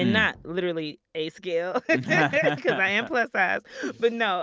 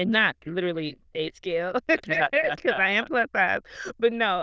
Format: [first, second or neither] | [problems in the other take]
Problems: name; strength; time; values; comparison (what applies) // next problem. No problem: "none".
first | noise reduction (neural diffusion model UNIVERSE++)